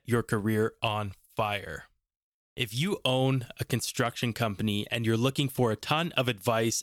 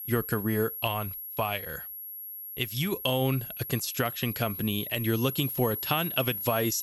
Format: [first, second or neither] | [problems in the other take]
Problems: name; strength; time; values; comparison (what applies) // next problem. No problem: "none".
first | high-pitched whine; loud; throughout; 11.5 kHz, 5 dB below the speech